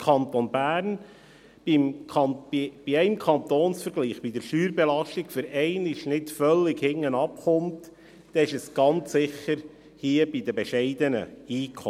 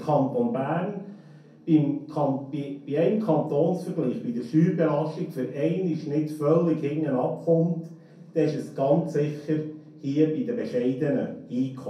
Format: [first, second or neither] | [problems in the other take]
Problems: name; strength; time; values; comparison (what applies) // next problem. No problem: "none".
first | room echo; dies away in 0.5 s